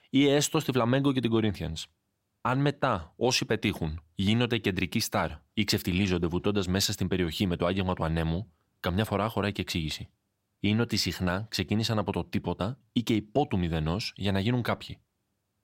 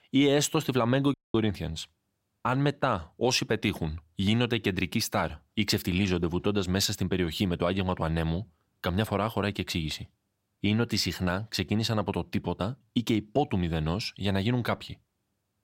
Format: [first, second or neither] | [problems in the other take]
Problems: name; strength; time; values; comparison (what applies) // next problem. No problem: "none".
first | audio cutting out; at 1 s